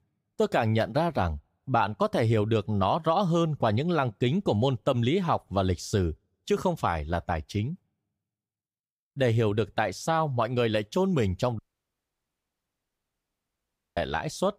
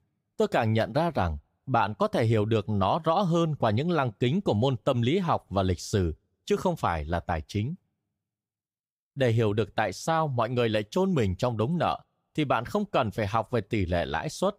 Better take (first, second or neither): second